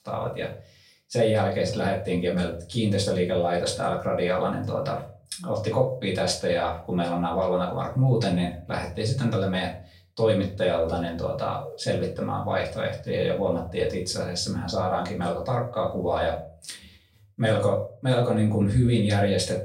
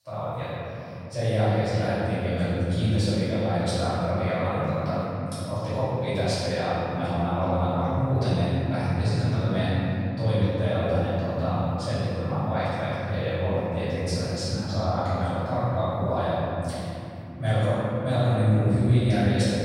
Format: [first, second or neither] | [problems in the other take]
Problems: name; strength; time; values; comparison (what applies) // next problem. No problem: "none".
first | room echo; strong; dies away in 3 s; slight in the first // off-mic speech; far; far in the first